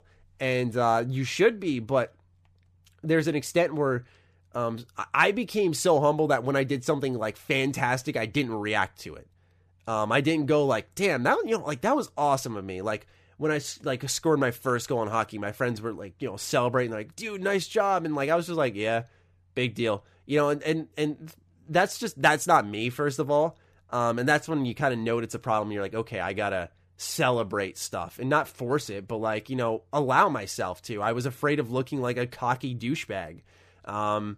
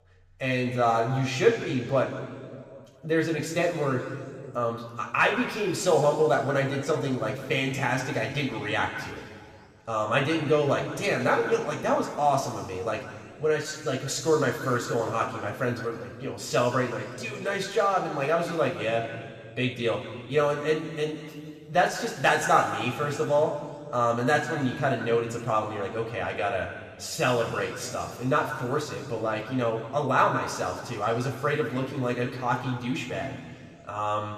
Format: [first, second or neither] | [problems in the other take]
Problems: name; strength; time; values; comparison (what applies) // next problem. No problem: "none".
first | room echo; noticeable; dies away in 2.2 s // off-mic speech; somewhat distant